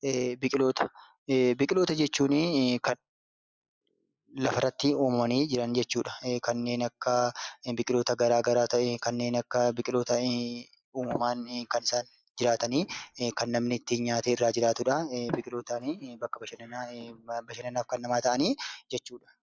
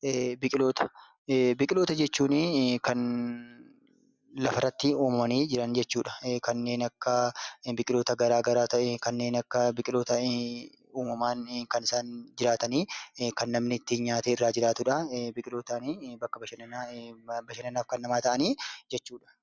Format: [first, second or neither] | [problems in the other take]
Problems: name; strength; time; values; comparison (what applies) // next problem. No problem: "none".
second | noise reduction (neural mask model Resemble Enhance denoiser)